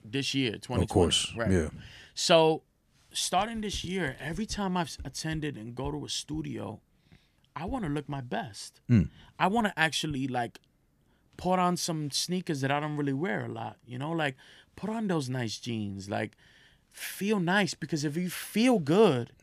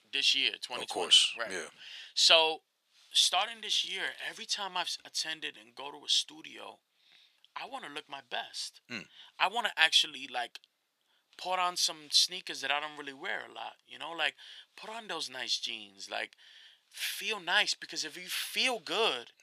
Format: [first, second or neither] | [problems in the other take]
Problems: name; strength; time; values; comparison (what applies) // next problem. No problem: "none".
first | thin; very; fading below 750 Hz